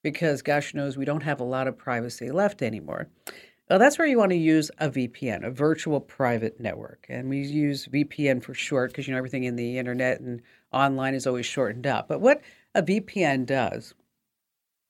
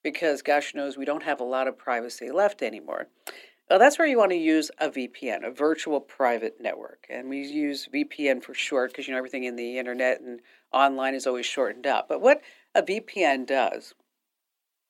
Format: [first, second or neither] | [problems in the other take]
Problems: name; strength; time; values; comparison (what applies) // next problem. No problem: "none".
first | thin; somewhat; fading below 250 Hz